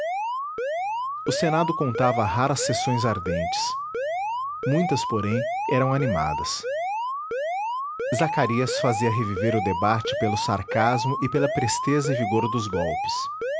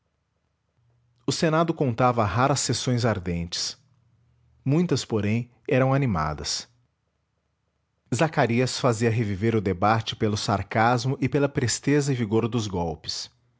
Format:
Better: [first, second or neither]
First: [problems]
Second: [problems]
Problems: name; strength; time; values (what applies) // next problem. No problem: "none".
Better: second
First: background sound (Alarm); 2 dB below the speech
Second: none